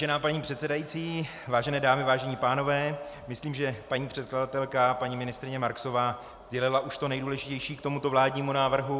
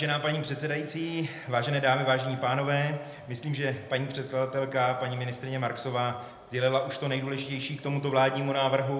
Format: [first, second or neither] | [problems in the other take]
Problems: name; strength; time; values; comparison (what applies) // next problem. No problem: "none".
first | room echo; dies away in 0.7 s